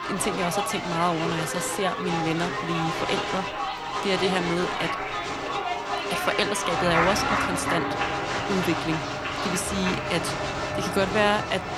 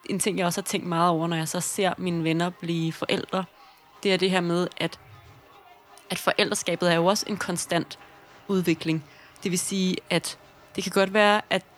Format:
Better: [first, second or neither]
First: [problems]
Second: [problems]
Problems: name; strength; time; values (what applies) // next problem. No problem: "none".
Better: second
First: crowd noise; loud; throughout; as loud as the speech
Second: crowd noise; faint; throughout; 25 dB below the speech